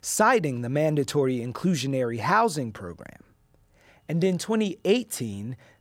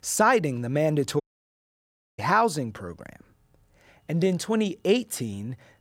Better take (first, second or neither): first